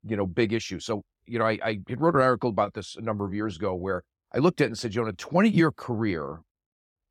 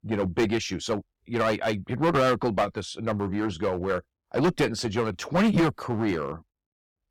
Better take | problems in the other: first | distortion; heavy; 8% of the sound clipped

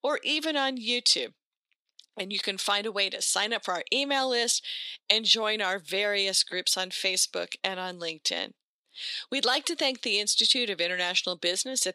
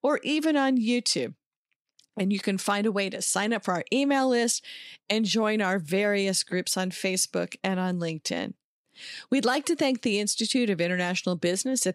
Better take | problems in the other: second | thin; somewhat; fading below 450 Hz

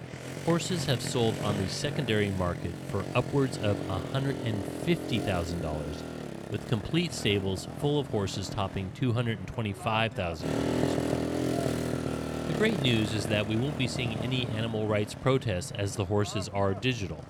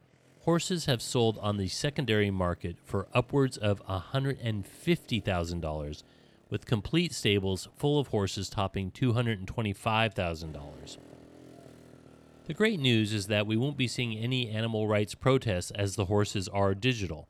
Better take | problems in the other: second | traffic noise; loud; throughout; 5 dB below the speech; faint in the second

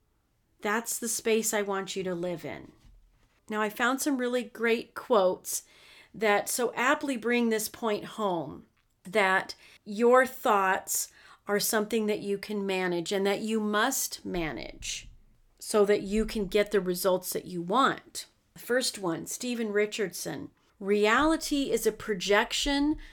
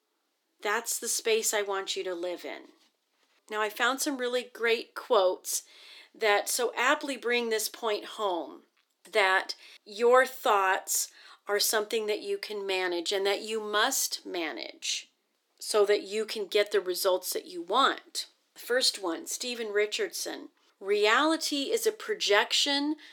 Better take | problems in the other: first | thin; somewhat; fading below 300 Hz

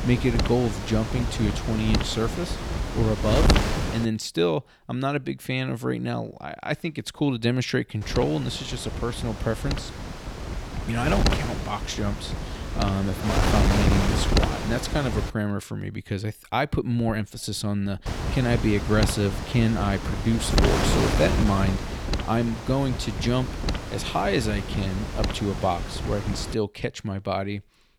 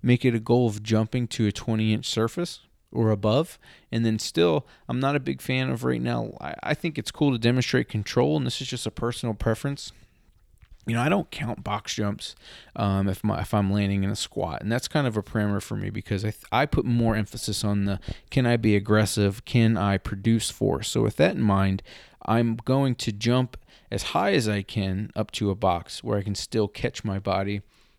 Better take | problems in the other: second | wind noise on the microphone; heavy; until 4 s, from 8 to 15 s and from 18 to 27 s; 2 dB below the speech

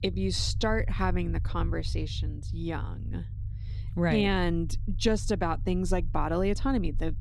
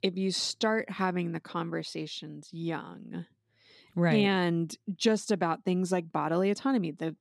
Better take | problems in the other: second | low rumble; faint; throughout; 20 dB below the speech

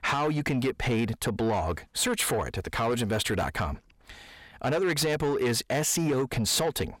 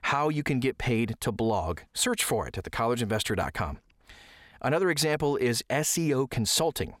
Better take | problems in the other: second | distortion; slight; 10 dB below the speech

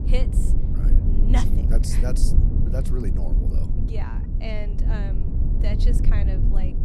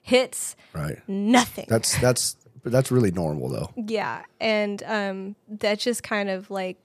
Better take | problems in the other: second | low rumble; loud; throughout; 2 dB below the speech

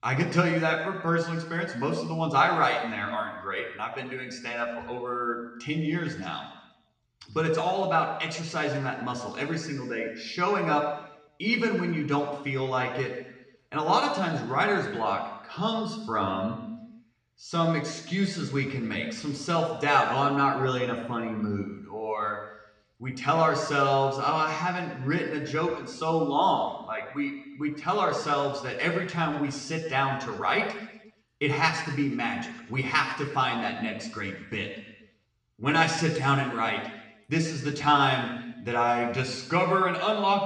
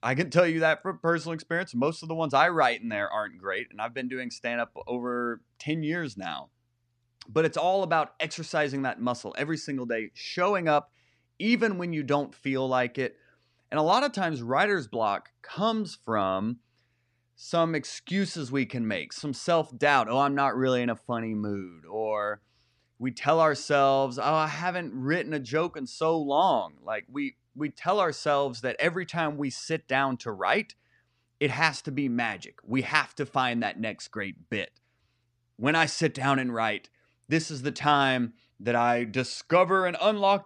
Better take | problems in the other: second | room echo; noticeable; dies away in 1 s // off-mic speech; somewhat distant

